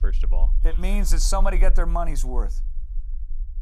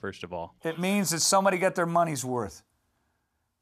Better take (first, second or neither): second